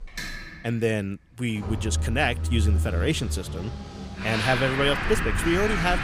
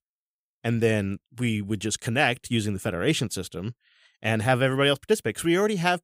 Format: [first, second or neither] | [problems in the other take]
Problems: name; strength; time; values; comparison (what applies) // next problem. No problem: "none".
second | traffic noise; loud; throughout; 2 dB below the speech